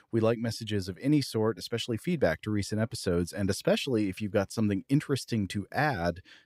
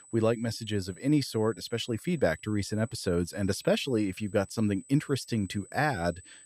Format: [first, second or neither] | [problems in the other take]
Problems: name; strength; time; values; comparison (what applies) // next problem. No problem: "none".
first | high-pitched whine; faint; throughout; 8 kHz, 20 dB below the speech